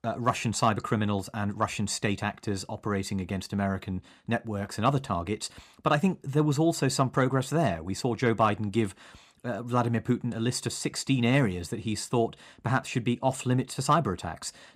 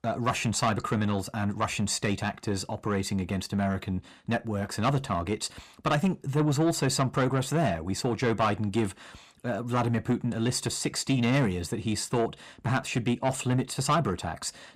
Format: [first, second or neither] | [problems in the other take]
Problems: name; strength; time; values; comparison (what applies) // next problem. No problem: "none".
first | distortion; slight; 10 dB below the speech